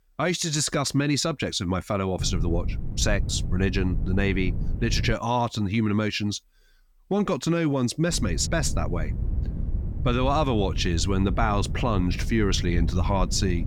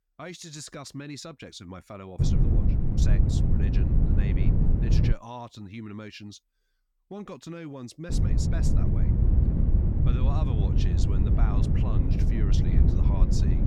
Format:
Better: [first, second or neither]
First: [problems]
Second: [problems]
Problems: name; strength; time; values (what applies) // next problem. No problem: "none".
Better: first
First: wind noise on the microphone; occasional gusts; from 2 to 5 s and from 8 s on; 15 dB below the speech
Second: wind noise on the microphone; heavy; from 2 to 5 s and from 8 s on; 4 dB above the speech